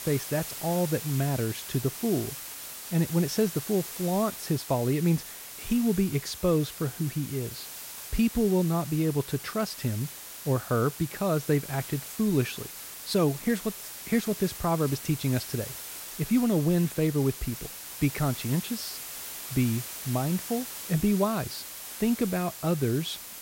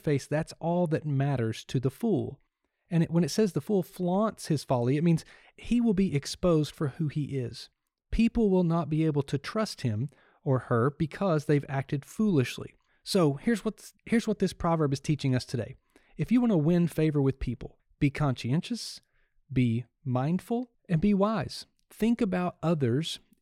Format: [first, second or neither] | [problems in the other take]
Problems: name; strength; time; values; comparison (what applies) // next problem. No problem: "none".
second | hiss; loud; throughout; 9 dB below the speech